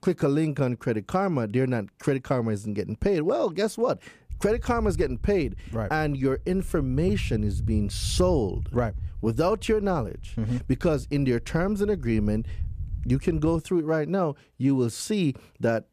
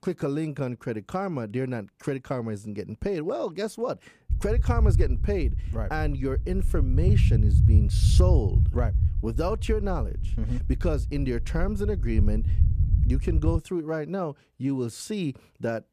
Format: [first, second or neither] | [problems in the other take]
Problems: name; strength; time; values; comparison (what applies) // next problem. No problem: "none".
first | low rumble; loud; from 4.5 to 14 s; 9 dB below the speech; faint in the first